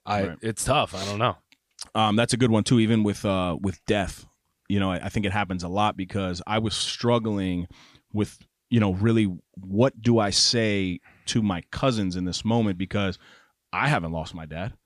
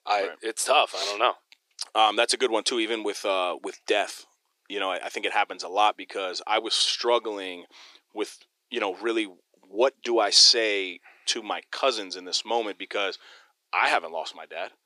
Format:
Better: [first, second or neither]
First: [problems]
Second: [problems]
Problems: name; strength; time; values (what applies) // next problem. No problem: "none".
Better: first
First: none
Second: thin; very; fading below 350 Hz